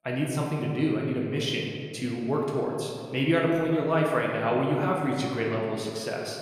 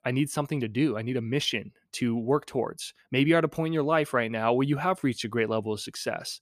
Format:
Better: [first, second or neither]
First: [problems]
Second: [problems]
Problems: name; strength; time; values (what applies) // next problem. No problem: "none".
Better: second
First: room echo; noticeable; dies away in 1.9 s // off-mic speech; somewhat distant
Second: none